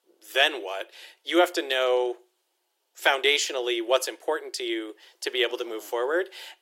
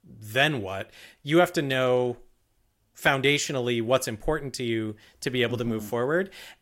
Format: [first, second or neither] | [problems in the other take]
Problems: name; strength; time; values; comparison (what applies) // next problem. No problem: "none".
second | thin; very; fading below 350 Hz